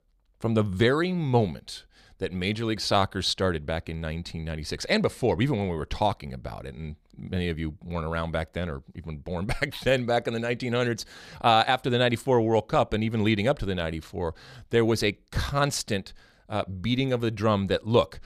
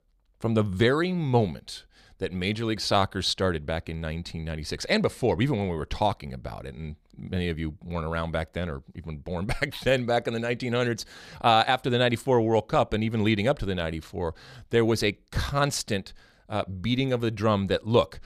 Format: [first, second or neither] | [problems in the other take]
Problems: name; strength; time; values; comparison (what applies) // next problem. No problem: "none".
neither | none